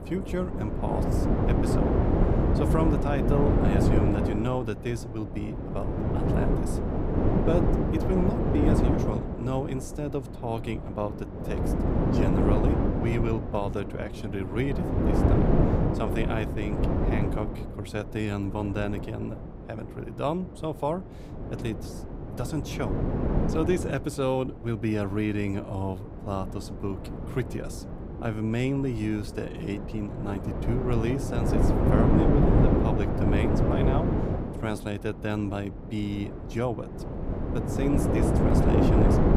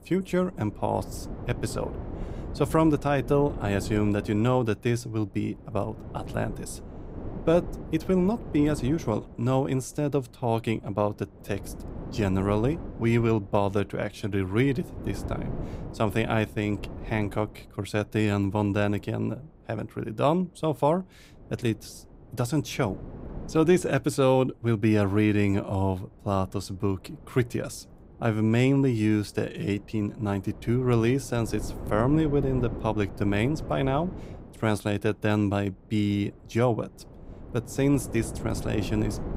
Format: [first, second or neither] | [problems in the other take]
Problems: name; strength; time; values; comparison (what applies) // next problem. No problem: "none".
second | wind noise on the microphone; heavy; 2 dB above the speech; occasional gusts in the second